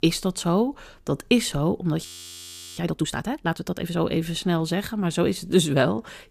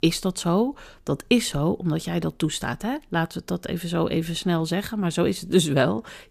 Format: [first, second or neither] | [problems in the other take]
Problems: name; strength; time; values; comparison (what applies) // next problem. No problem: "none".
second | audio freezing; at 2 s for 0.5 s